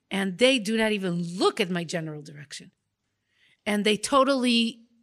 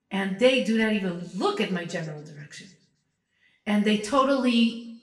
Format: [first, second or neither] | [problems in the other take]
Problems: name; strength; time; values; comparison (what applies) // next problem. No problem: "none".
first | room echo; slight; dies away in 0.7 s // off-mic speech; far